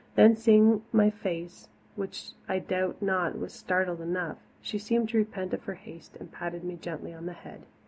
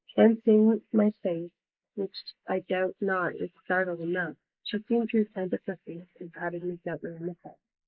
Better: first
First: none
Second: noise reduction (neural mask model Resemble Enhance denoiser)

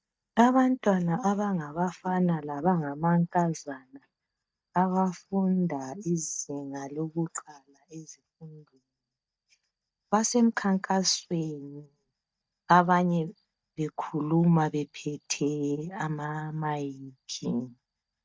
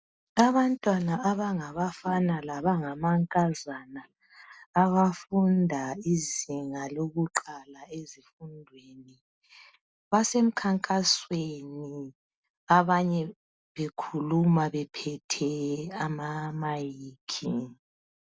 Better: second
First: noise reduction (neural mask model DeepFilterNet 3)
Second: none

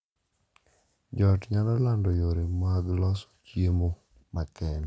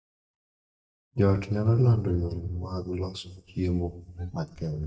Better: first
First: none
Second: noise reduction (neural mask model DeepFilterNet 3)

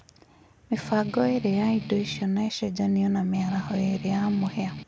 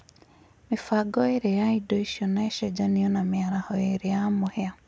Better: second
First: background sound (Strum); 11 dB below the speech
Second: none

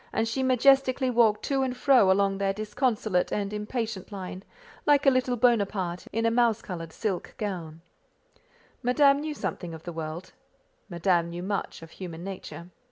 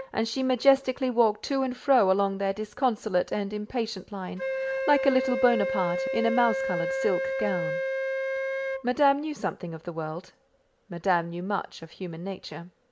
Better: first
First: none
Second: background sound (Wind instrument, woodwind instrument); 6 dB below the speech

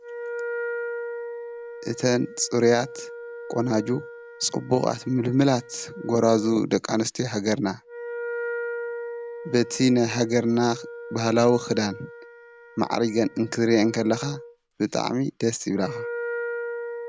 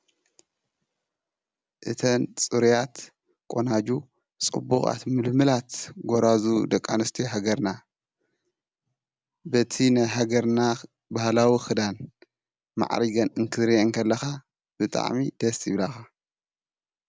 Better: second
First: background sound (Wind instrument, woodwind instrument); 10 dB below the speech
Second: none

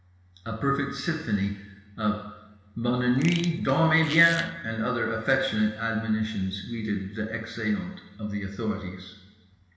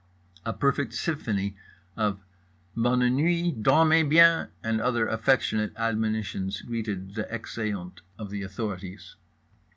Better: second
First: background sound (Fart); 12 dB below the speech // room echo; dies away in 1.1 s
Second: none

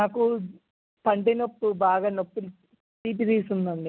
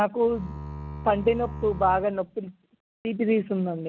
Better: first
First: none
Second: background sound (Bowed string instrument); 11 dB below the speech

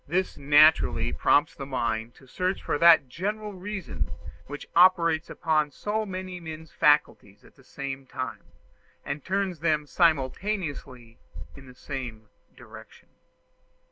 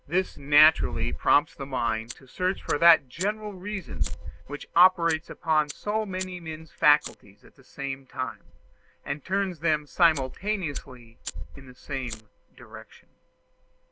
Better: first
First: none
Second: background sound (Fire); 18 dB below the speech

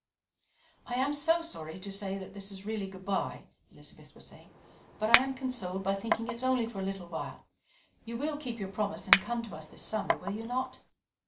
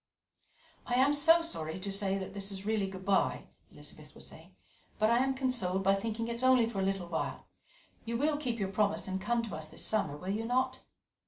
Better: second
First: background sound (Chink, clink); as loud as the speech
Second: none

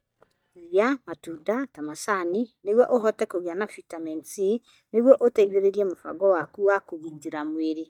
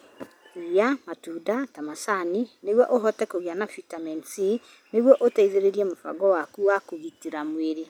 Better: second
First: noise reduction (neural mask model DeepFilterNet 3)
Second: none

